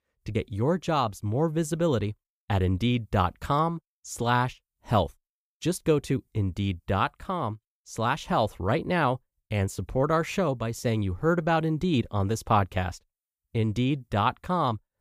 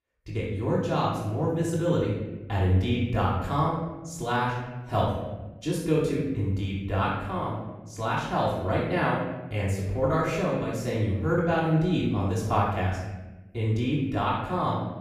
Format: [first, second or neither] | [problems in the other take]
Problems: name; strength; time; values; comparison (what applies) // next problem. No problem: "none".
first | off-mic speech; far // room echo; noticeable; dies away in 1 s